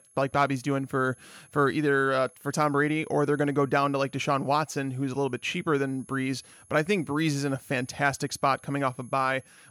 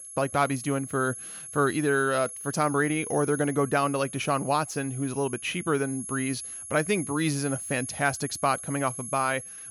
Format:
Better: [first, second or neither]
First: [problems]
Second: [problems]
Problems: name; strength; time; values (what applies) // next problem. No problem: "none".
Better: first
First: high-pitched whine; faint; throughout; 11 kHz, 25 dB below the speech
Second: high-pitched whine; loud; throughout; 11 kHz, 9 dB below the speech